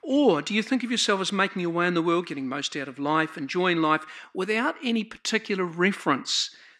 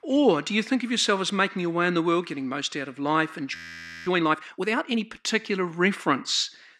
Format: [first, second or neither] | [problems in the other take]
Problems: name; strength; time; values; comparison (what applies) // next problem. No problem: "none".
first | audio freezing; at 3.5 s for 0.5 s